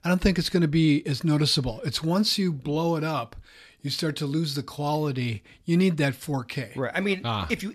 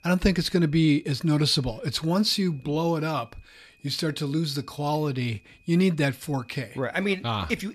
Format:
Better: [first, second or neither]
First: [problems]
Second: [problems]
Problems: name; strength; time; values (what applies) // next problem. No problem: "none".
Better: first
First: none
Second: high-pitched whine; faint; throughout; 2.5 kHz, 35 dB below the speech